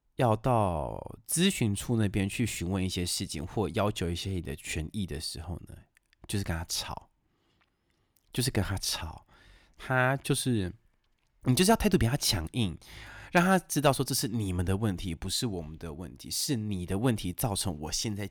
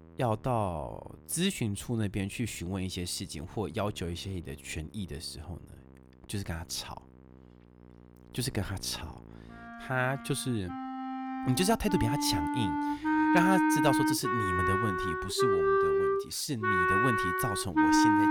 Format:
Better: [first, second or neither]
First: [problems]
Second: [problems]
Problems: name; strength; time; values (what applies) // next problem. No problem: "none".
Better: first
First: none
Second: background music; very loud; throughout; 5 dB above the speech